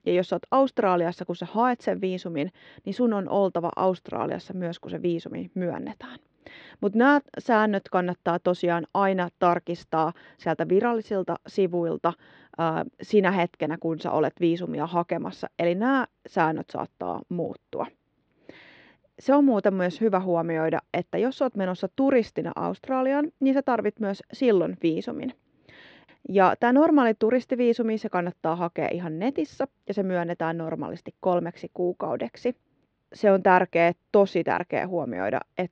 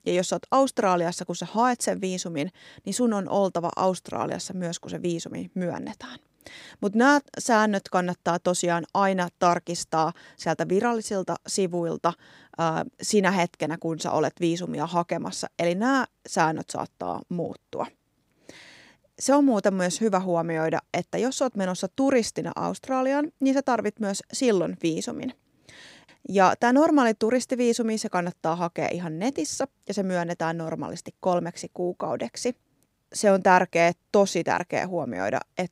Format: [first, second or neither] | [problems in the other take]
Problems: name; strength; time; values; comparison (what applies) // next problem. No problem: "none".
second | muffled; very; fading above 3.5 kHz